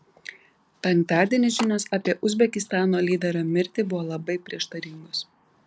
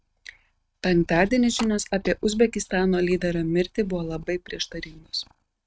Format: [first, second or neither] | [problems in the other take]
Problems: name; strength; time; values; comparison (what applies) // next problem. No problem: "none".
first | noise reduction (neural mask model RNNoise)